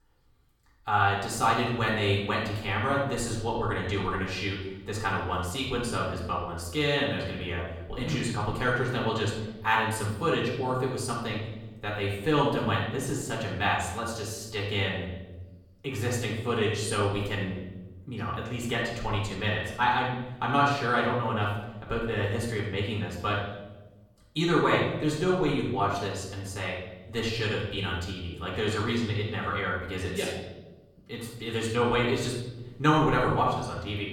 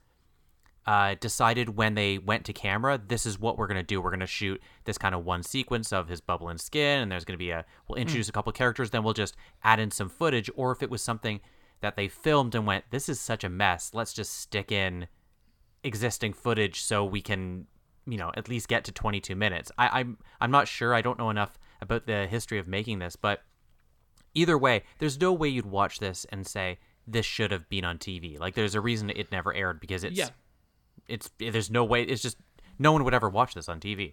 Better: second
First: off-mic speech; far // room echo; noticeable; dies away in 1 s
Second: none

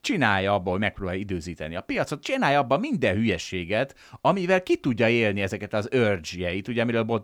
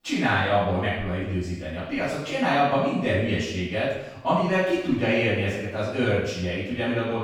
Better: first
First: none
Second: off-mic speech; far // room echo; strong; dies away in 0.8 s

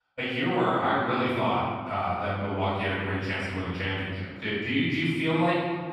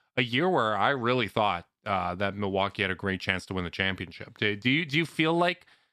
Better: second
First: off-mic speech; far // room echo; strong; dies away in 2 s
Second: none

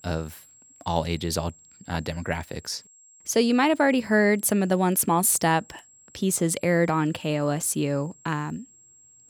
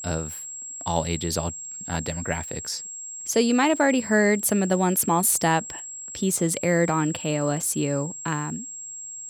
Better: first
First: high-pitched whine; faint; throughout; 7.5 kHz, 25 dB below the speech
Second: high-pitched whine; loud; throughout; 7.5 kHz, 10 dB below the speech

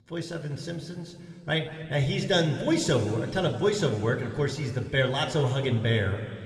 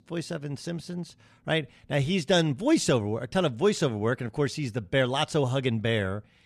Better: second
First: room echo; slight; dies away in 2.2 s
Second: none

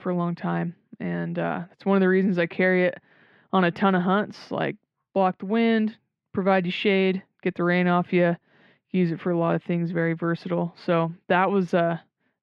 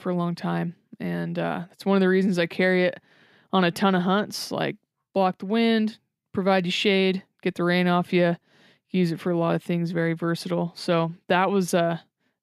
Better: second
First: muffled; slightly; fading above 2 kHz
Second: none

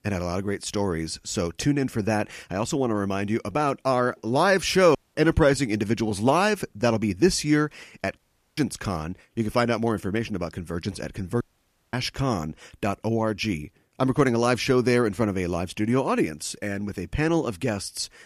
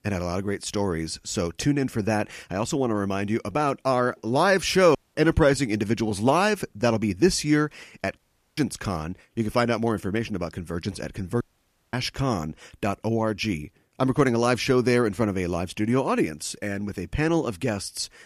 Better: neither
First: audio cutting out; at 5 s, at 8 s and at 11 s for 0.5 s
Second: audio cutting out; at 5 s, at 8 s and at 11 s for 0.5 s

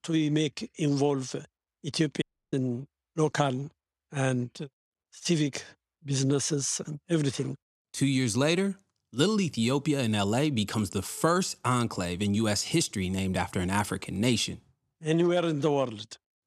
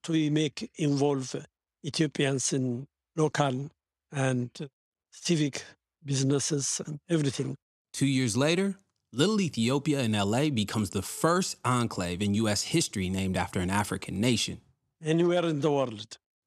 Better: second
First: audio cutting out; at 2 s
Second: none

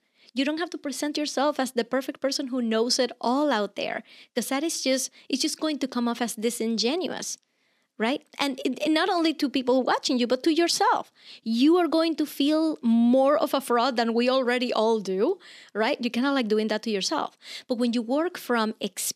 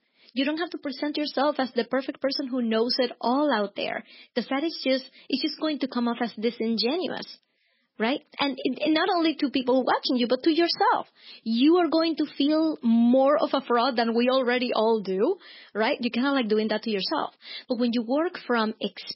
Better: first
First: none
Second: garbled, watery; badly; nothing above 5.5 kHz

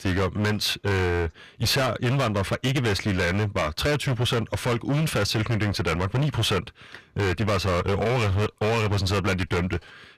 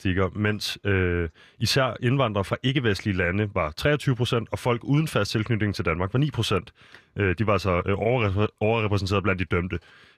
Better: second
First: distortion; heavy; 26% of the sound clipped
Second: none

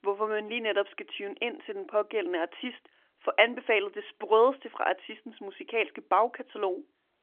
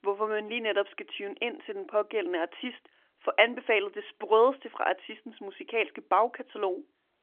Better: neither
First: phone-call audio; nothing above 3 kHz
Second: phone-call audio; nothing above 3 kHz

